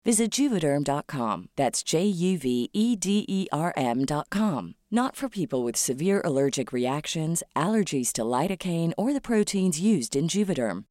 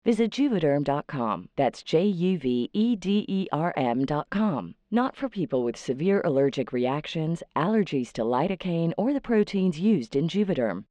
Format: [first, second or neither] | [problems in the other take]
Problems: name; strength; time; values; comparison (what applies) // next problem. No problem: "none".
first | muffled; very; fading above 3.5 kHz